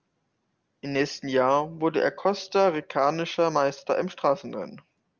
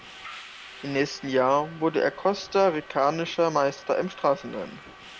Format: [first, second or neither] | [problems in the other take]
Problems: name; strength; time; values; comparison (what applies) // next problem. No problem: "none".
first | background sound (Subway, metro, underground); 19 dB below the speech